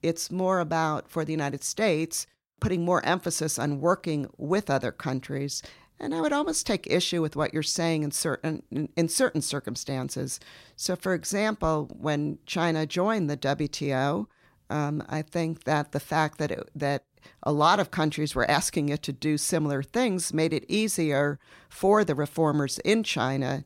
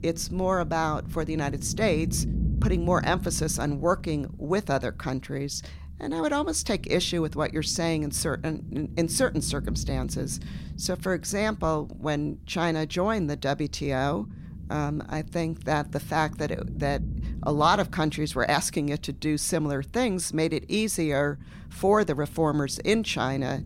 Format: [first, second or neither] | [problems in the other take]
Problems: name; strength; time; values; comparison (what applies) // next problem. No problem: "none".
first | low rumble; noticeable; throughout; 20 dB below the speech